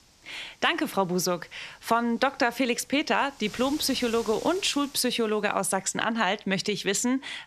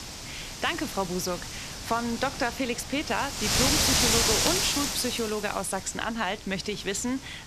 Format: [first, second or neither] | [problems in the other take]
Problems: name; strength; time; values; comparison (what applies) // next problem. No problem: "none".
first | wind noise on the microphone; heavy; 2 dB above the speech; occasional gusts in the first